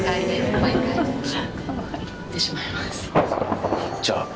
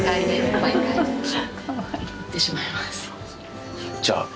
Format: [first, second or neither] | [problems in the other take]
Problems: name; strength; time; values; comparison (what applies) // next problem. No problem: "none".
second | background sound (Thunder); 2 dB below the speech